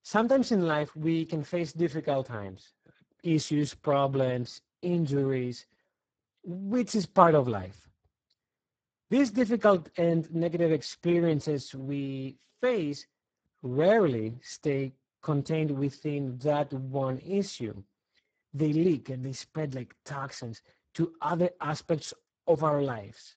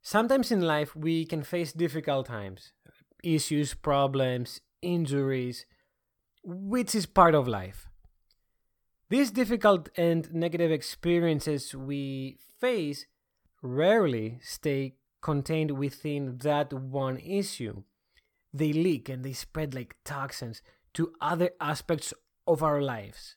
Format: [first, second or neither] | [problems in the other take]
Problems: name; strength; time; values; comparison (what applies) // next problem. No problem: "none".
second | garbled, watery; badly; nothing above 8 kHz